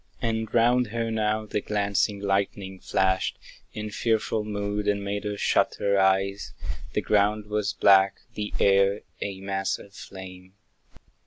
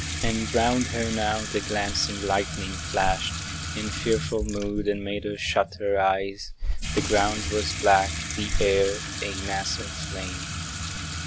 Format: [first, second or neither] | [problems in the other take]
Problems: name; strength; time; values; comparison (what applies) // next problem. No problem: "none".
first | background sound (Sink (filling or washing) / Water tap, faucet); 6 dB below the speech